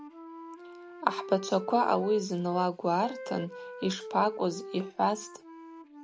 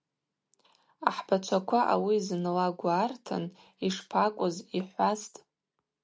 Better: second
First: background sound (Wind instrument, woodwind instrument); 13 dB below the speech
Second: none

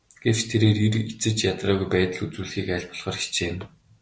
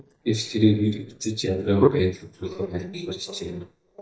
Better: first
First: none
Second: noise reduction (neural mask model DeepFilterNet 3)

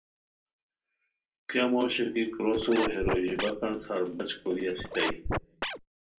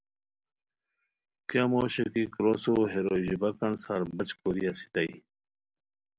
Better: second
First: background sound (Scratching (performance technique)); 3 dB below the speech // room echo; dies away in 0.2 s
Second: none

